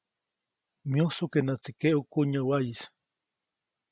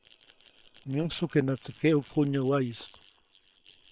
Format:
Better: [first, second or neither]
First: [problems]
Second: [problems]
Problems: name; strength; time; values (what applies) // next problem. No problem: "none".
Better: first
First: none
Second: noise reduction (neural separator model SepFormer WHAM!)